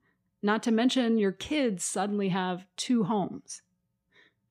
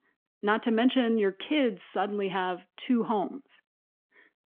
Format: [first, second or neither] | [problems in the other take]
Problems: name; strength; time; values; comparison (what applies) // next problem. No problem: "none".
first | phone-call audio; nothing above 3.5 kHz